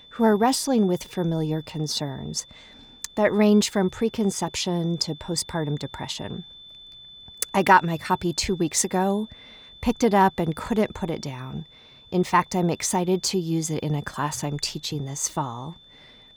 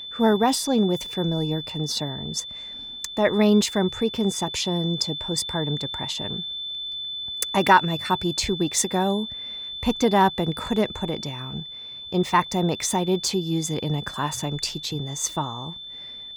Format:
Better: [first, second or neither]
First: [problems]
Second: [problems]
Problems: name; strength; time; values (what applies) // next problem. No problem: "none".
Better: first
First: high-pitched whine; faint; throughout; 3.5 kHz, 20 dB below the speech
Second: high-pitched whine; loud; throughout; 3.5 kHz, 8 dB below the speech